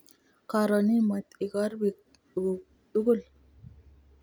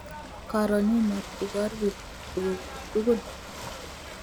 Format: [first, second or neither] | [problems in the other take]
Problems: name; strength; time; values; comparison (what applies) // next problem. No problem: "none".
first | background sound (Ocean / Boat, Water vehicle); 11 dB below the speech